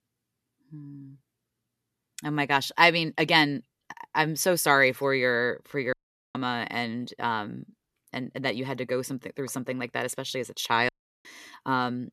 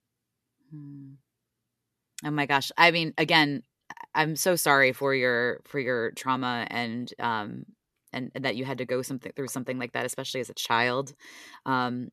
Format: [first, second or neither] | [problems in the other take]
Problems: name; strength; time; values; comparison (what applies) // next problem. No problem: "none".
second | audio cutting out; at 6 s and at 11 s